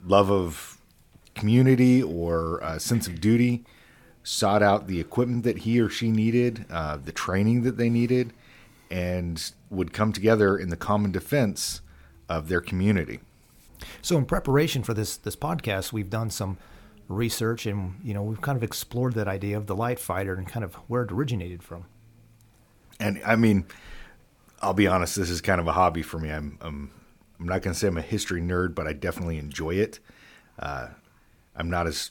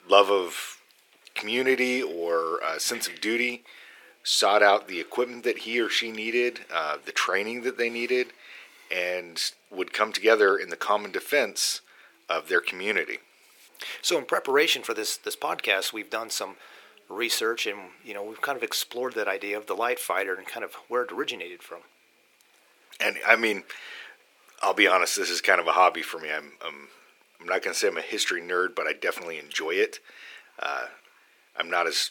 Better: first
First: none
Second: thin; very; fading below 400 Hz

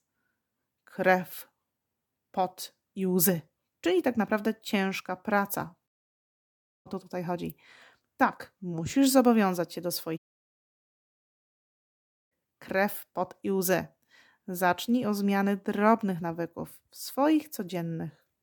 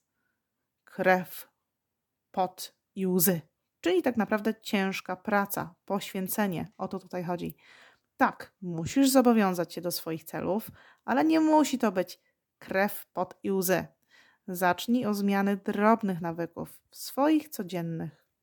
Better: second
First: audio cutting out; at 6 s for 1 s and at 10 s for 2 s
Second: none

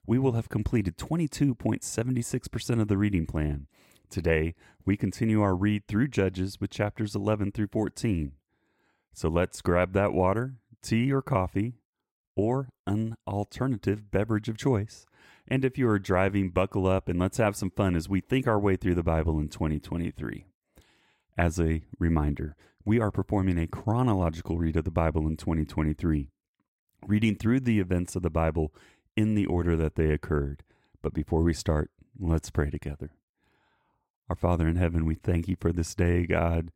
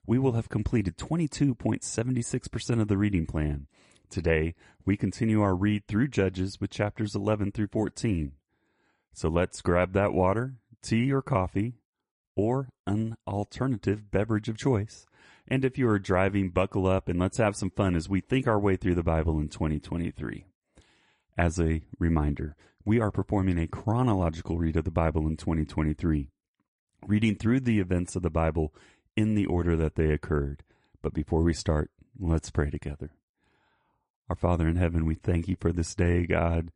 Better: first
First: none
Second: garbled, watery; slightly; nothing above 9.5 kHz

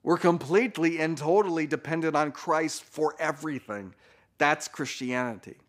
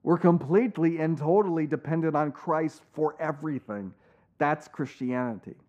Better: first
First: none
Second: muffled; very; fading above 2 kHz

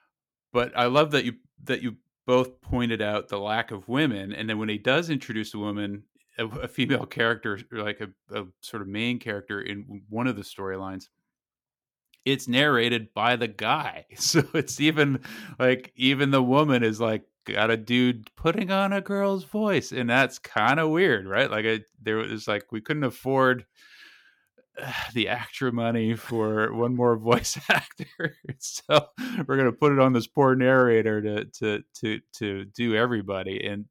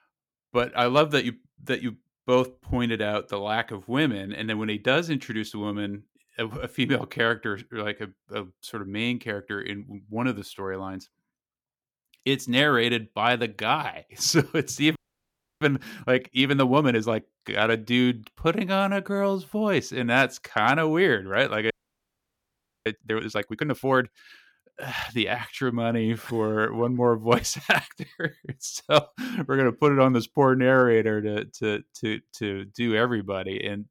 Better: first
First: none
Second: audio freezing; at 15 s for 0.5 s and at 22 s for 1 s

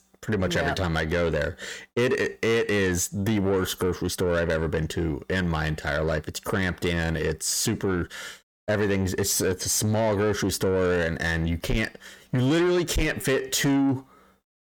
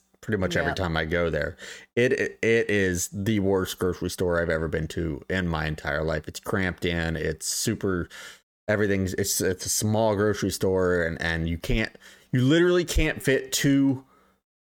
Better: second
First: distortion; slight; 10 dB below the speech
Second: none

